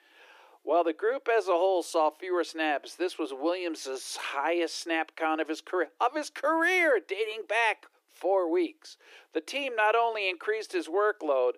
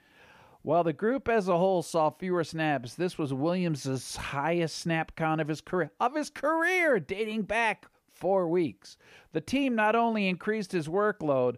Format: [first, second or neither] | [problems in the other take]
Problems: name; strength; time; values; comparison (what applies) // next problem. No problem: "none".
second | thin; very; fading below 300 Hz